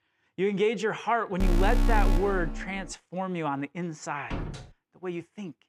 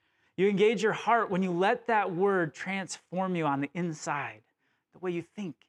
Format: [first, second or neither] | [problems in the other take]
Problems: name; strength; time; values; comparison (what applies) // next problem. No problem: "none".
second | alarm; loud; from 1.5 to 2.5 s; peak 3 dB above the speech // door banging; noticeable; at 4.5 s; peak 6 dB below the speech